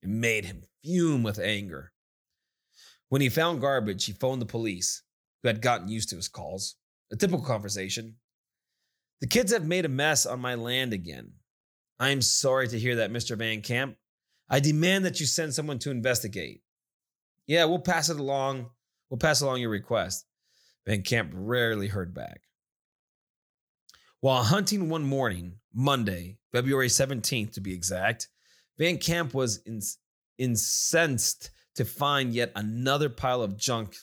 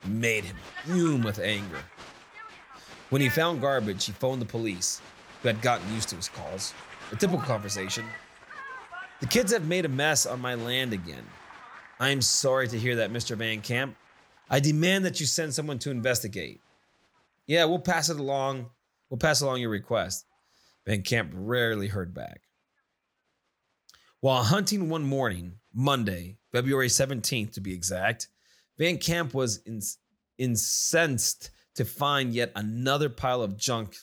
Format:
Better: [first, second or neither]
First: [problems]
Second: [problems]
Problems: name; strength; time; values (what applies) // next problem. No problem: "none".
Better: first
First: none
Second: crowd noise; noticeable; throughout; 15 dB below the speech